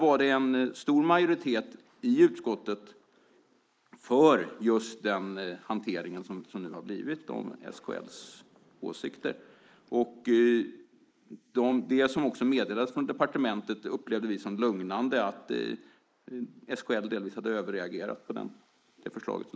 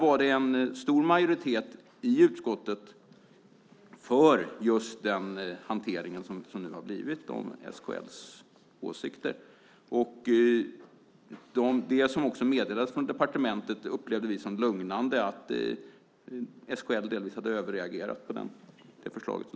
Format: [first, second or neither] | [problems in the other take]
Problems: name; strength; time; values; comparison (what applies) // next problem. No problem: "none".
second | noise reduction (neural mask model Resemble Enhance denoiser)